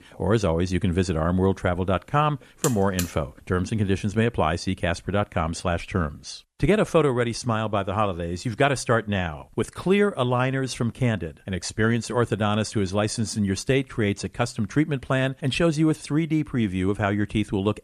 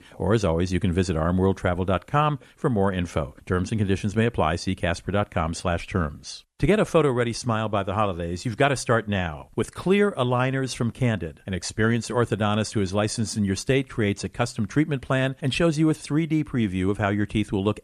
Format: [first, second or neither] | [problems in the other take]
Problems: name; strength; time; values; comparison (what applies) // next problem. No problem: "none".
second | alarm; noticeable; at 2.5 s; peak 6 dB below the speech